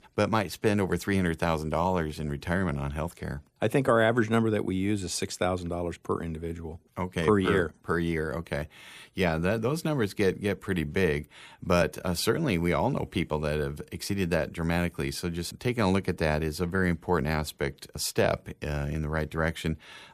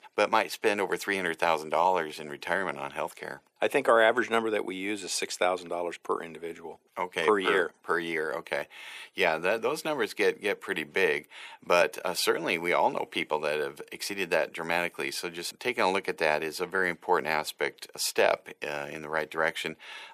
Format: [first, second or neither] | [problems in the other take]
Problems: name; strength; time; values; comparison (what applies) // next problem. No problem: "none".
first | thin; very; fading below 450 Hz